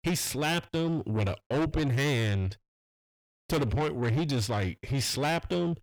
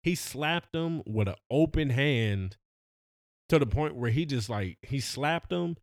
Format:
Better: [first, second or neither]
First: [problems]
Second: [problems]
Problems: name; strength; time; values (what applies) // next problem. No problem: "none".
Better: second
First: distortion; heavy; 6 dB below the speech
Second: none